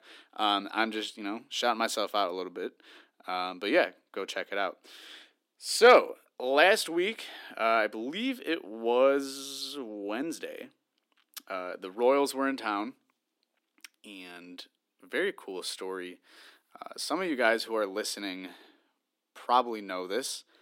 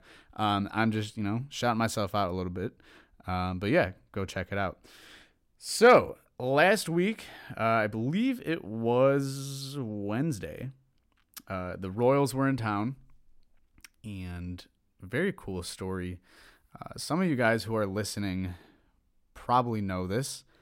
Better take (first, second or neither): second